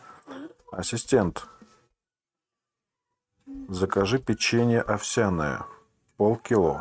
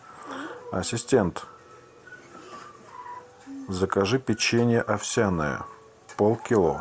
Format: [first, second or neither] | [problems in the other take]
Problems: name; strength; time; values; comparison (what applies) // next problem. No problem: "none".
second | noise reduction (neural mask model RNNoise)